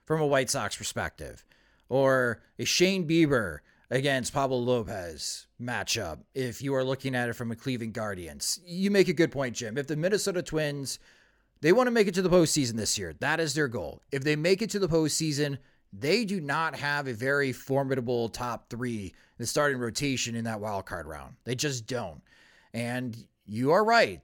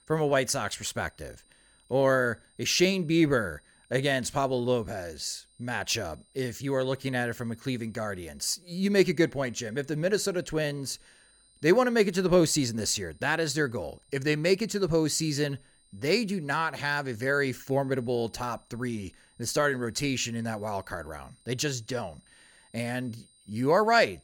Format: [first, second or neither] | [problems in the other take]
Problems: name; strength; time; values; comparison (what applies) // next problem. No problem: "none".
first | high-pitched whine; faint; throughout; 9 kHz, 35 dB below the speech